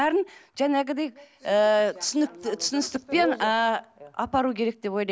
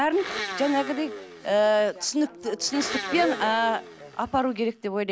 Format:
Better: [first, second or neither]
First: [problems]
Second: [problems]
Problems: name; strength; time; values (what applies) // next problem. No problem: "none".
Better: first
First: none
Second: background sound (Domestic sounds, home sounds); 12 dB below the speech